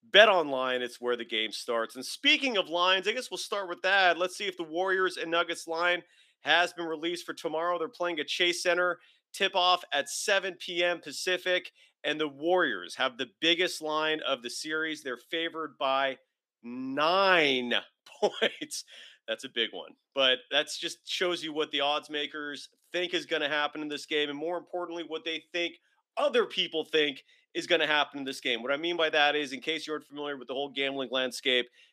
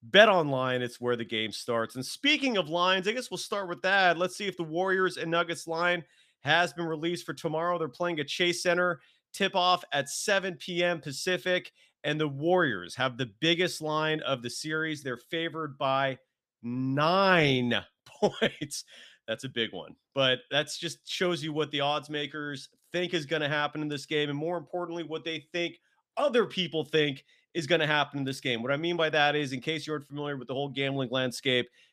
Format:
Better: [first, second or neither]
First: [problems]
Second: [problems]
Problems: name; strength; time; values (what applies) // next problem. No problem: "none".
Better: second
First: thin; very slightly; fading below 300 Hz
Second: none